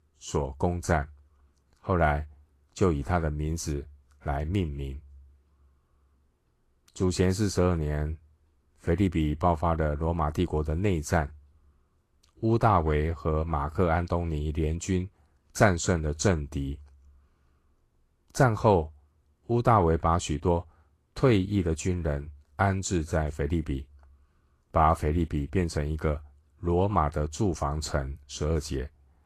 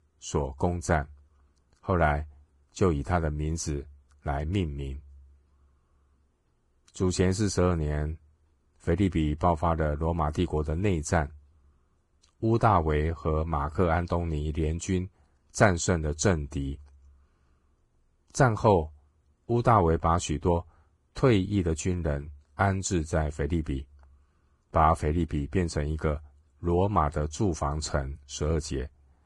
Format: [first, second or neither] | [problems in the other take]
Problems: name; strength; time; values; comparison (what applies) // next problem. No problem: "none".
first | garbled, watery; badly; slightly in the first